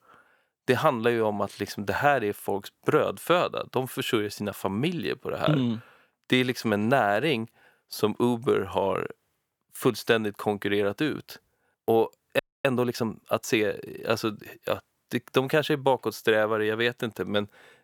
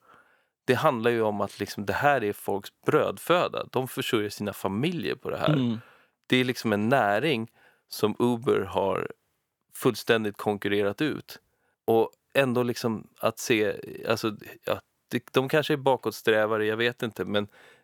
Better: second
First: audio freezing; at 12 s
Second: none

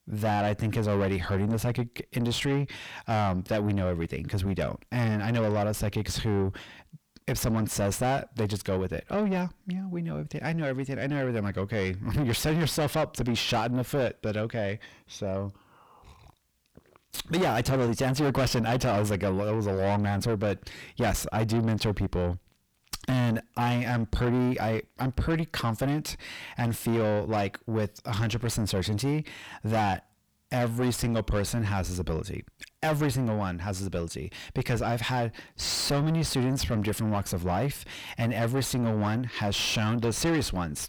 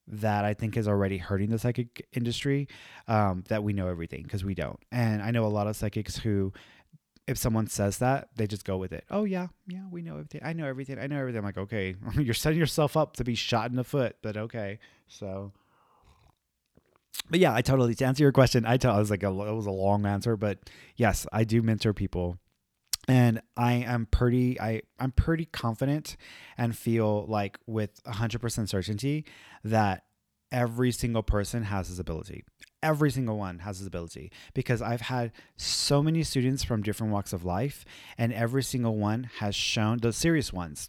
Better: second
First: distortion; heavy; 5 dB below the speech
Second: none

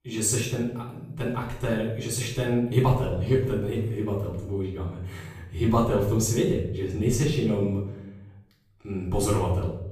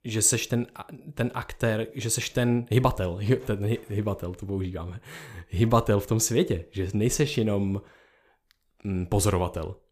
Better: second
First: off-mic speech; far // room echo; noticeable; dies away in 0.7 s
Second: none

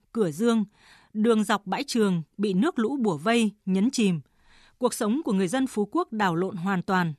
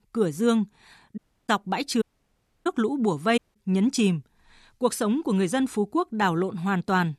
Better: first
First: none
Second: audio cutting out; at 1 s, at 2 s for 0.5 s and at 3.5 s

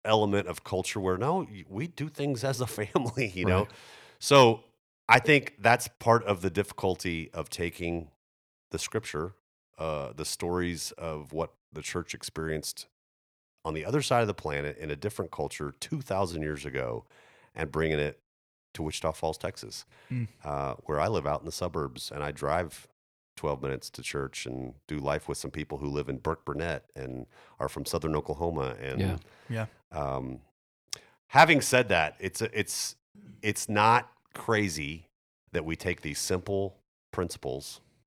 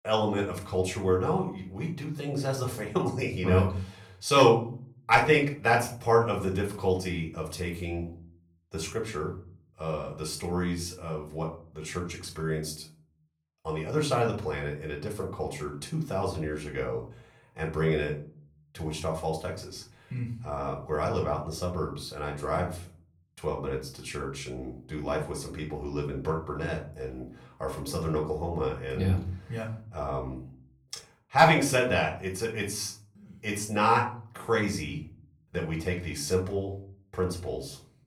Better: first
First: none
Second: off-mic speech; far // room echo; slight; dies away in 0.4 s

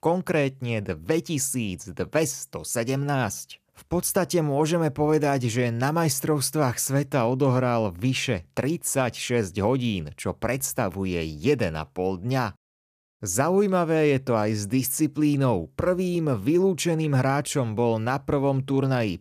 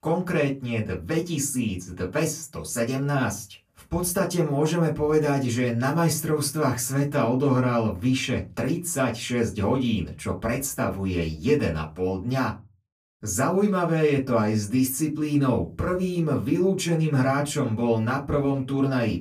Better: first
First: none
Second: off-mic speech; far // room echo; very slight; dies away in 0.2 s

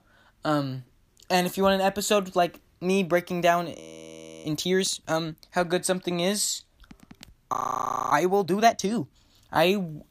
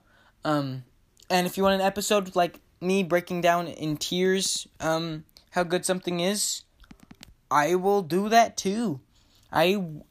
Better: second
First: audio freezing; at 4 s for 0.5 s and at 7.5 s for 0.5 s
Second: none

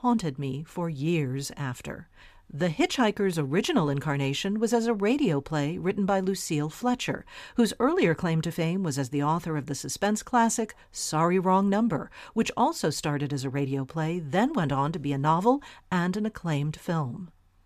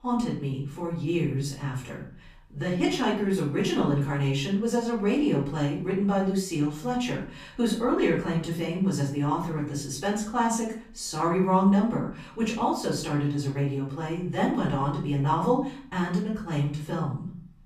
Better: first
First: none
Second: off-mic speech; far // room echo; slight; dies away in 0.4 s

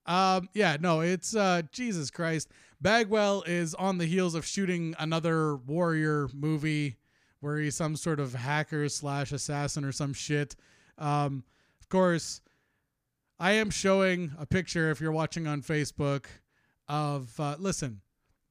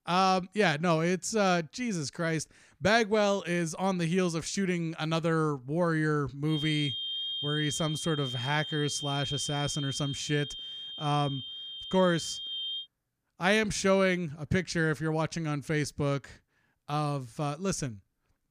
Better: first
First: none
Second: high-pitched whine; loud; from 6.5 to 13 s; 3 kHz, 6 dB below the speech

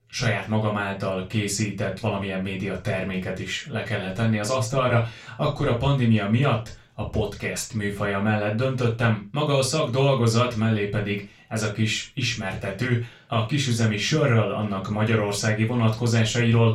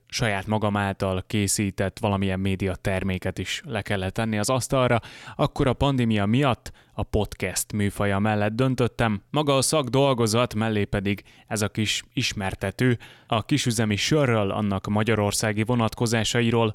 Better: second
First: room echo; noticeable; dies away in 0.2 s // off-mic speech; far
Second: none

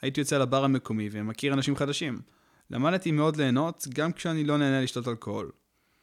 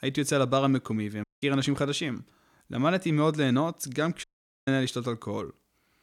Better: first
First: none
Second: audio cutting out; at 1 s and at 4 s

